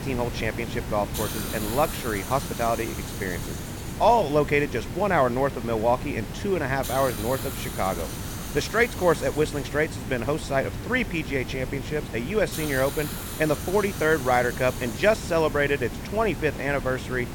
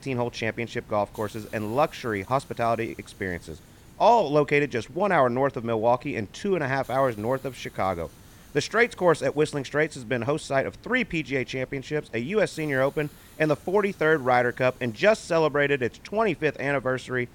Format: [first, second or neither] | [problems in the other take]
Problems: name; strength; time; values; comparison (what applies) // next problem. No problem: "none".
second | hiss; loud; throughout; 8 dB below the speech; faint in the second